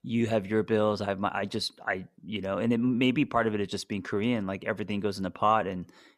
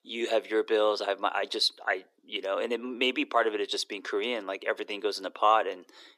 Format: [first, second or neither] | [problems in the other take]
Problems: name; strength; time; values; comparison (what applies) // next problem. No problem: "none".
first | thin; somewhat; fading below 300 Hz